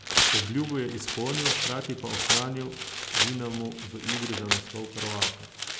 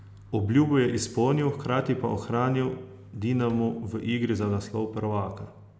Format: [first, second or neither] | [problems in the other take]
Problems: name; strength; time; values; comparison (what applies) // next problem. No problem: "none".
second | background sound (Tearing); 4 dB above the speech